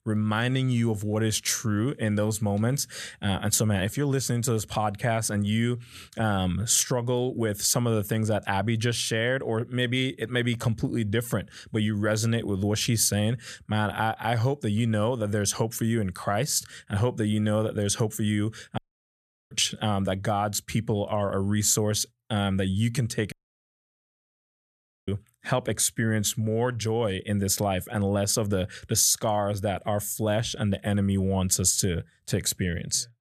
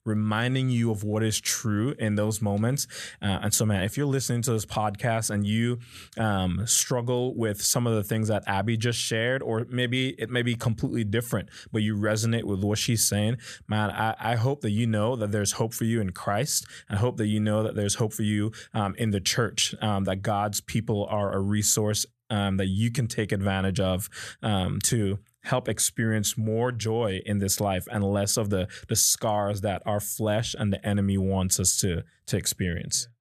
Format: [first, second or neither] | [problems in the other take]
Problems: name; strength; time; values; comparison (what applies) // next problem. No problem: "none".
second | audio cutting out; at 19 s for 0.5 s and at 23 s for 2 s